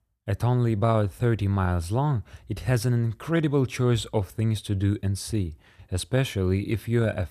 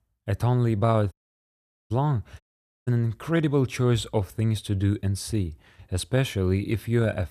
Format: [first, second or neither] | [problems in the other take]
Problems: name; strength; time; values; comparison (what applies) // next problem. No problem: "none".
first | audio cutting out; at 1 s for 1 s and at 2.5 s